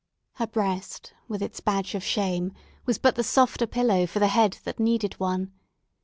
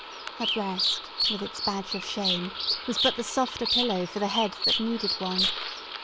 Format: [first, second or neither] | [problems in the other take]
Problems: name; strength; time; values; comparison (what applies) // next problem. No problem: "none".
first | background sound (Bird vocalization, bird call, bird song); 1 dB above the speech